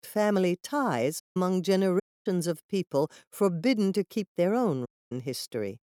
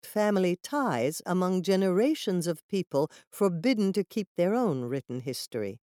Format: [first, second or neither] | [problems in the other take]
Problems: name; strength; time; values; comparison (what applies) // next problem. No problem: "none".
second | audio cutting out; at 1 s, at 2 s and at 5 s